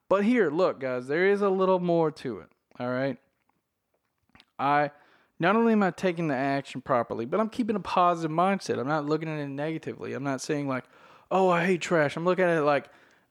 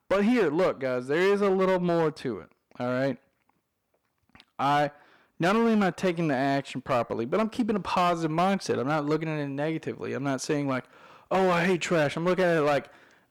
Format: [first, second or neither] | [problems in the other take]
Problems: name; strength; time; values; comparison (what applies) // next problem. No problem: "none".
first | distortion; slight; 8% of the sound clipped